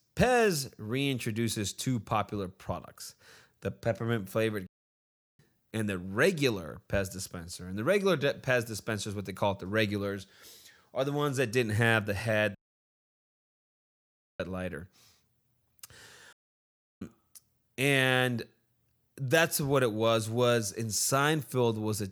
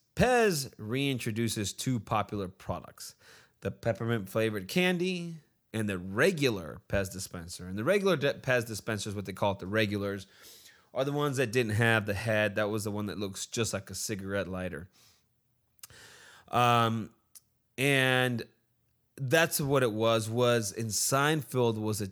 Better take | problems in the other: second | audio cutting out; at 4.5 s for 0.5 s, at 13 s for 2 s and at 16 s for 0.5 s

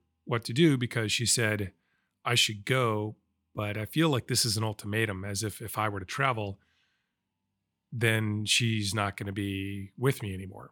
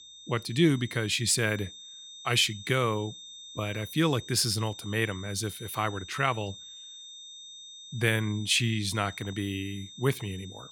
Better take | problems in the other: first | high-pitched whine; noticeable; throughout; 3.5 kHz, 15 dB below the speech

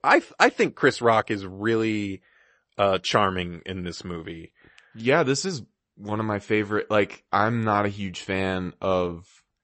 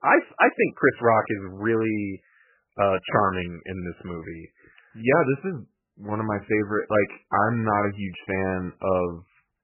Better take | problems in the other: first | garbled, watery; badly; nothing above 3 kHz; slightly in the first

